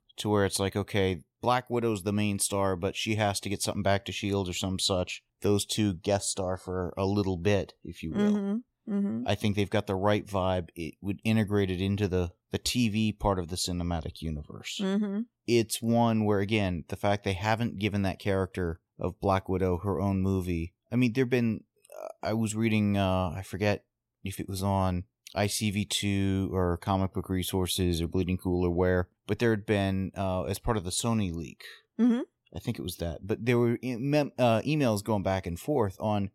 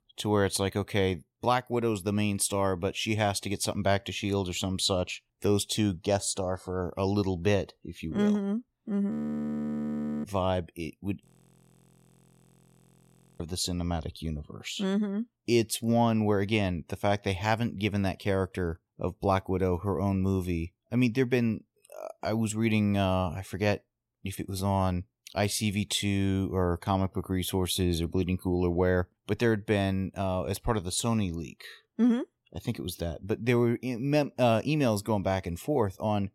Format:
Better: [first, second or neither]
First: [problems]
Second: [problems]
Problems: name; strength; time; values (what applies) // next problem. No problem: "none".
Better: first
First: none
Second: audio freezing; at 9 s for 1 s and at 11 s for 2 s